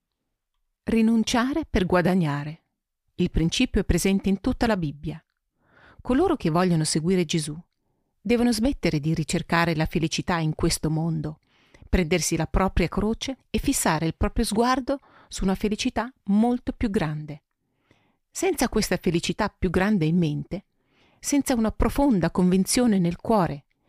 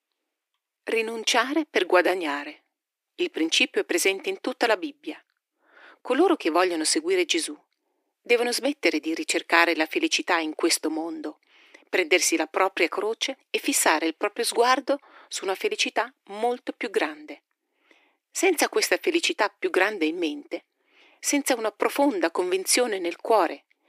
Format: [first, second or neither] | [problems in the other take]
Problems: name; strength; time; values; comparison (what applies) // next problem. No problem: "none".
first | thin; very; fading below 300 Hz